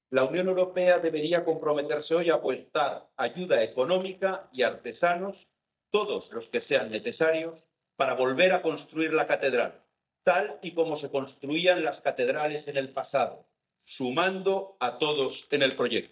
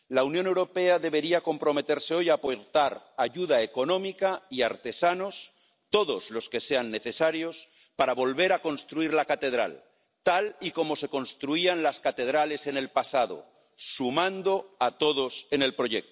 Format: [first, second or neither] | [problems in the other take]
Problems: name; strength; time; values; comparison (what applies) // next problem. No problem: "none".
second | noise reduction (neural mask model DeepFilterNet 3)